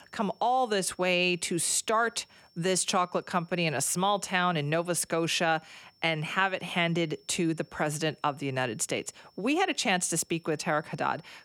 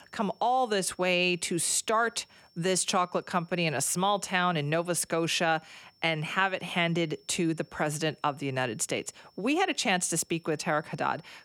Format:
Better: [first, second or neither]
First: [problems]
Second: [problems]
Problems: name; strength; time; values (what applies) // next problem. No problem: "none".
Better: neither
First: high-pitched whine; faint; throughout; 5.5 kHz, 35 dB below the speech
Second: high-pitched whine; faint; throughout; 5.5 kHz, 35 dB below the speech